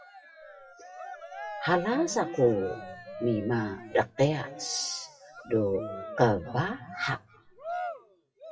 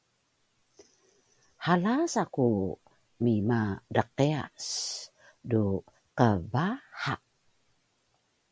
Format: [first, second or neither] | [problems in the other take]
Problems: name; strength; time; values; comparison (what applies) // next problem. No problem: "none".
second | noise reduction (classical method WPE with log-MMSE)